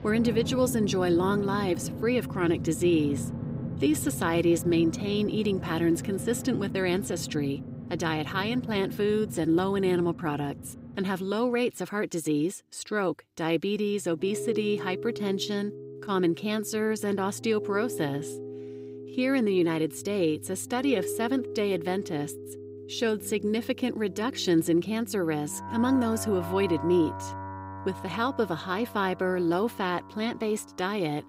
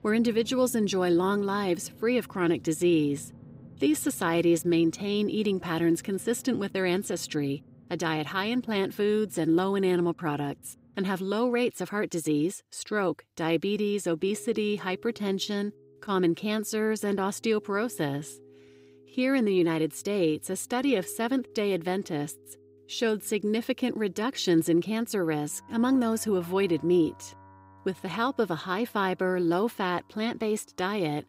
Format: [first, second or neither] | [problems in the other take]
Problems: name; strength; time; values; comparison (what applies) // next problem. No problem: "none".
second | background music; loud; throughout; 10 dB below the speech; faint in the second